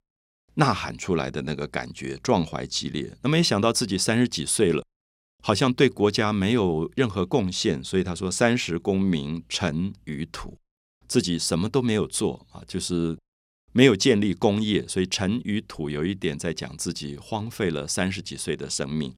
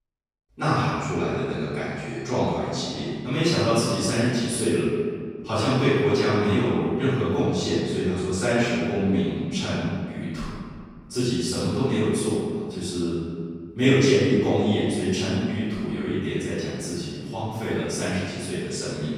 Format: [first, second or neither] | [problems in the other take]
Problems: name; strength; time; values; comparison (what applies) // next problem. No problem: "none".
first | off-mic speech; far // room echo; strong; dies away in 1.8 s